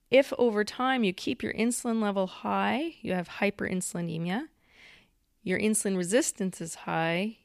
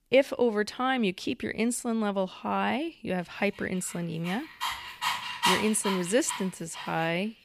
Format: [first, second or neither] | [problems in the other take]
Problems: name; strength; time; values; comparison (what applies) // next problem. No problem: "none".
first | dog barking; loud; from 4.5 to 7 s; peak 3 dB above the speech